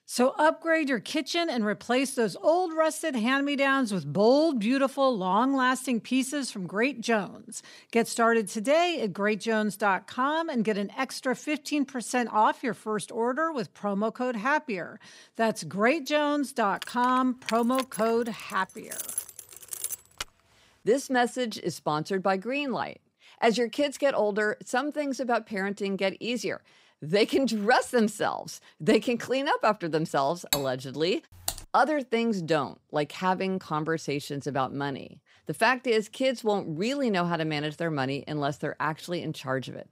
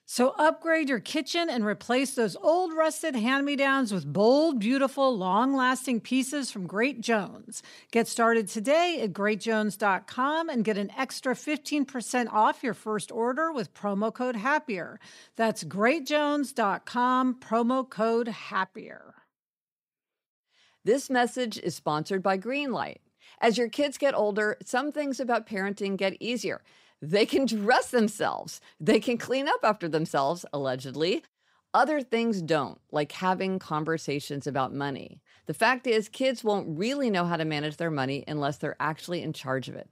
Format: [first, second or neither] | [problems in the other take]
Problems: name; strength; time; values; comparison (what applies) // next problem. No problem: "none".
second | jangling keys; noticeable; from 17 to 20 s; peak 5 dB below the speech // clattering dishes; noticeable; at 31 s; peak 3 dB below the speech // keyboard typing; noticeable; at 31 s; peak 7 dB below the speech